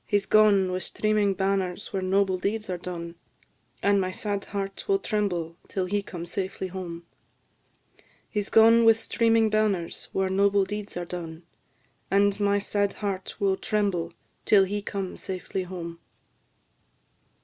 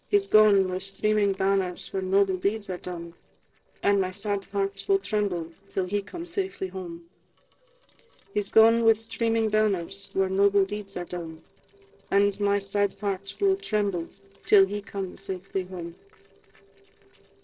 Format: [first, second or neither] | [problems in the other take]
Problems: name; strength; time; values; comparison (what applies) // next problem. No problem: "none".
first | noise reduction (neural separator model SepFormer DNS4)